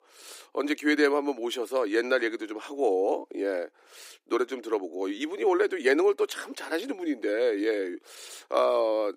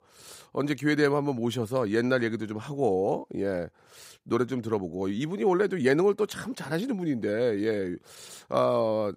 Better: second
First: thin; very slightly; fading below 300 Hz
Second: none

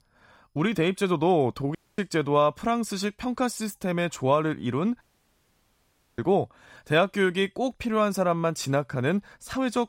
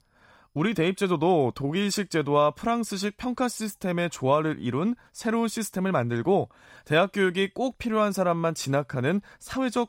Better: second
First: audio cutting out; at 2 s and at 5 s for 1 s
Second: none

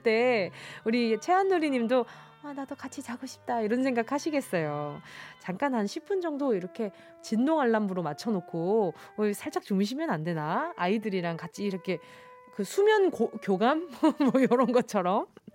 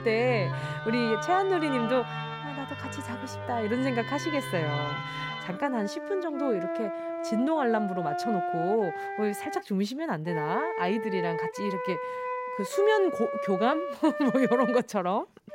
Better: first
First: background music; faint; throughout; 25 dB below the speech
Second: background music; loud; throughout; 4 dB below the speech

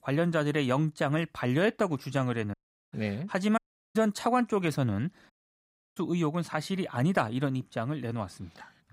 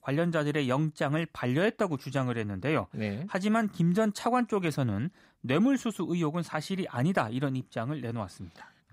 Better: second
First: audio cutting out; at 2.5 s, at 3.5 s and at 5.5 s for 0.5 s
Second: none

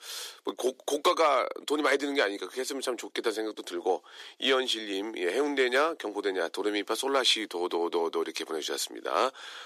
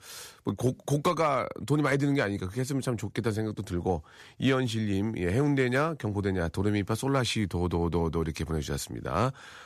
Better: second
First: thin; somewhat; fading below 350 Hz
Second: none

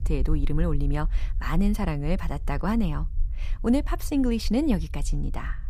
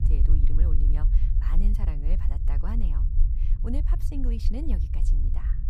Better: first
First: low rumble; faint; throughout; 25 dB below the speech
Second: low rumble; loud; throughout; 3 dB below the speech

